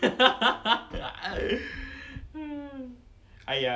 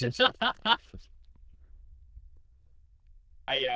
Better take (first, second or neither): first